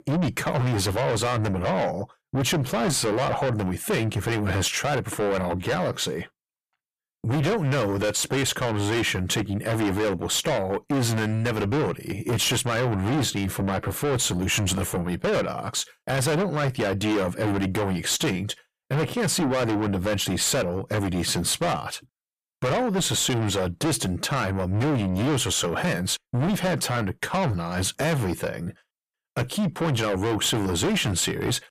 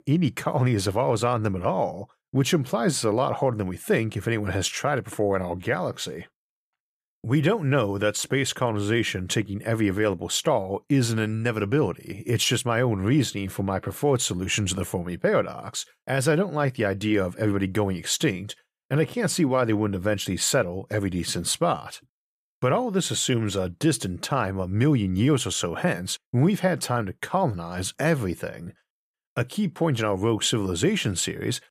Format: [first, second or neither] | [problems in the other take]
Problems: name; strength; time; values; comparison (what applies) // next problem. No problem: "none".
second | distortion; heavy; 5 dB below the speech